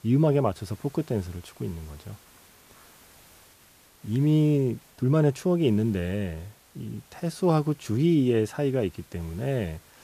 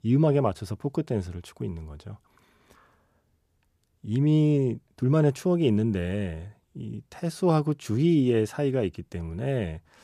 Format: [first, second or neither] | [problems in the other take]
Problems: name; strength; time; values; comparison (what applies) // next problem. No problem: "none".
second | hiss; faint; throughout; 25 dB below the speech